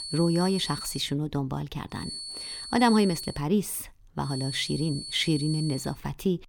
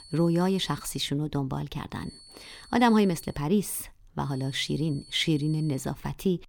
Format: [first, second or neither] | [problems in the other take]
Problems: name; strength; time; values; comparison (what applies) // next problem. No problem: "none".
second | high-pitched whine; loud; until 1 s, from 2 to 3.5 s and from 4.5 to 6 s; 4.5 kHz, 8 dB below the speech; faint in the second